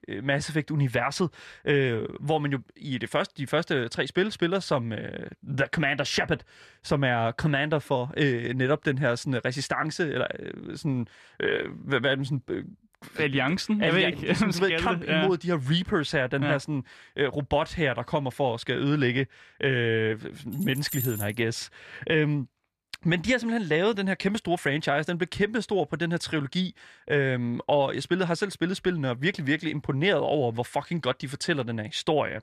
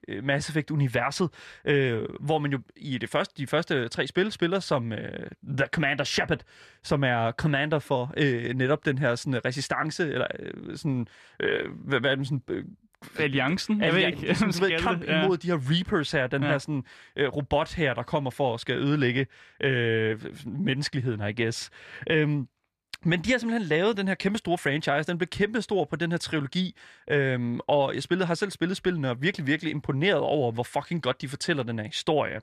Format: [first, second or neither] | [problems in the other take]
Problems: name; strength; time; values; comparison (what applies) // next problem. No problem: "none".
second | jangling keys; noticeable; at 21 s; peak 6 dB below the speech